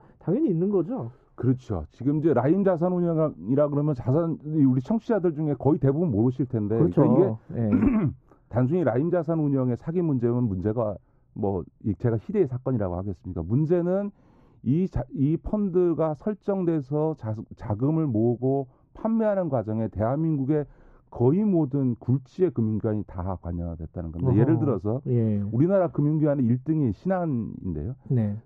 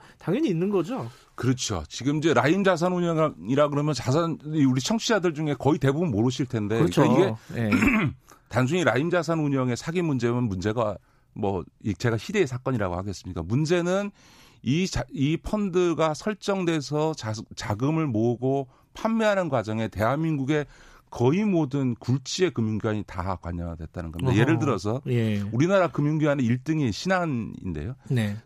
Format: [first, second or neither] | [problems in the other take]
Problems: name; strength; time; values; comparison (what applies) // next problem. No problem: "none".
second | muffled; very; fading above 1.5 kHz